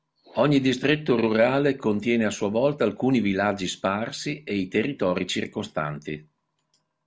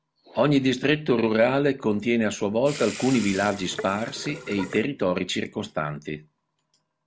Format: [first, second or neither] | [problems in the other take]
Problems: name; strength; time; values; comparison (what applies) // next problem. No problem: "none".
first | background sound (Sink (filling or washing) / Water tap, faucet); 12 dB below the speech